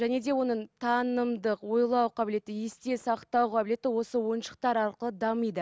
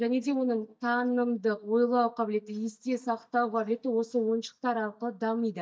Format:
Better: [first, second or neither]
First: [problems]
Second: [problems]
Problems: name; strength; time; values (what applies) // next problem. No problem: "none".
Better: first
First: none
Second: noise reduction (neural mask model DeepFilterNet 3)